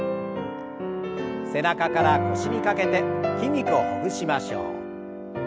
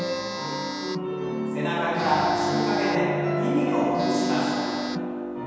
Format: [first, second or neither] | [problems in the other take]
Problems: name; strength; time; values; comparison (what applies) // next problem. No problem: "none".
first | background sound (Telephone); 12 dB below the speech // room echo; dies away in 2.1 s